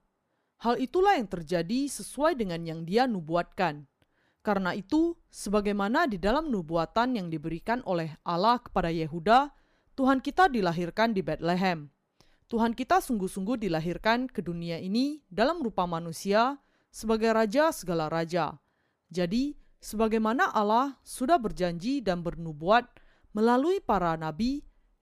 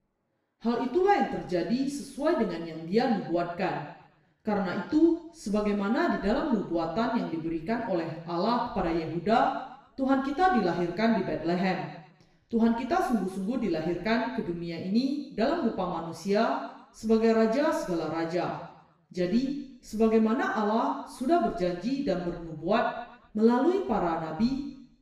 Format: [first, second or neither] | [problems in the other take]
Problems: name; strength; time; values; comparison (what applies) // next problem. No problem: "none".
first | room echo; noticeable; dies away in 0.8 s // off-mic speech; far